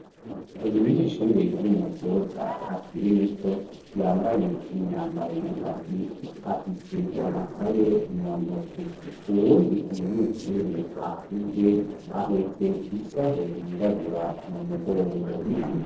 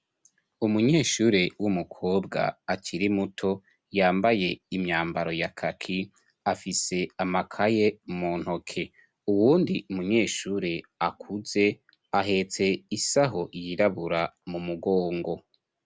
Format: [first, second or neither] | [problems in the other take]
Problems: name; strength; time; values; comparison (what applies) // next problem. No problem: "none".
second | noise reduction (neural separator model SepFormer DNS4)